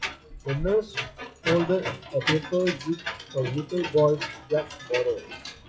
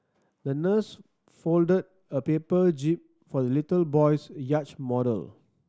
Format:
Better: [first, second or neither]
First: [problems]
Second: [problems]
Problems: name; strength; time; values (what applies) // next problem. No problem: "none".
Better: second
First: noise reduction (classical method WPE with log-MMSE)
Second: none